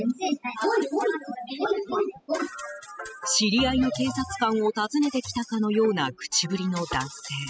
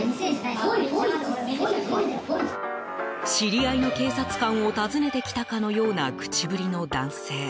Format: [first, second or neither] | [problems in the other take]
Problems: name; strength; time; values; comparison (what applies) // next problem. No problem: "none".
second | noise reduction (classical method spectral subtraction)